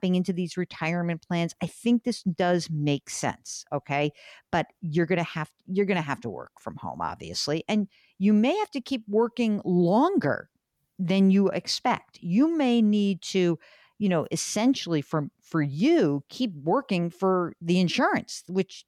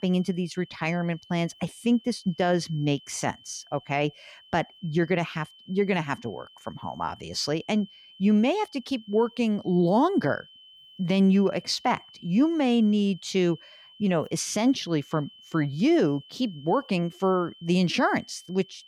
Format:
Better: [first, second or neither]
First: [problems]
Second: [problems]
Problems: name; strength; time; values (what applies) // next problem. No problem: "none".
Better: first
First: none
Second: high-pitched whine; faint; throughout; 3 kHz, 25 dB below the speech